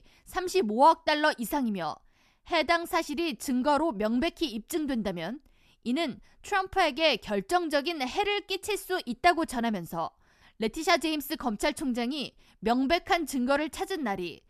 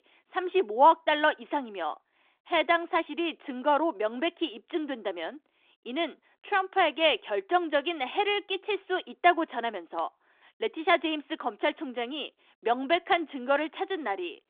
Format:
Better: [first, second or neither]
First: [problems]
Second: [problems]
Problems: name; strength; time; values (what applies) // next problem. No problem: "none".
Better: first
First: none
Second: phone-call audio; nothing above 3.5 kHz